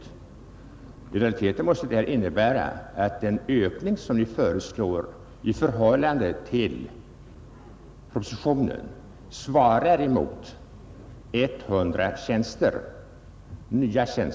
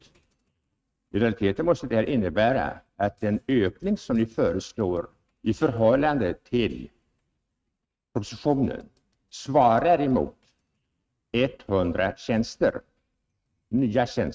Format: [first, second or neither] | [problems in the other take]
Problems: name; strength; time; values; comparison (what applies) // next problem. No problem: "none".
first | noise reduction (neural mask model RNNoise)